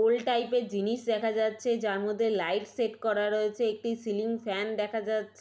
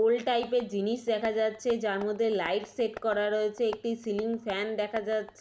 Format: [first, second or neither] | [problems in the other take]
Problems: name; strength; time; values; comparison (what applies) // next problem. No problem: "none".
first | background sound (Tap); 19 dB below the speech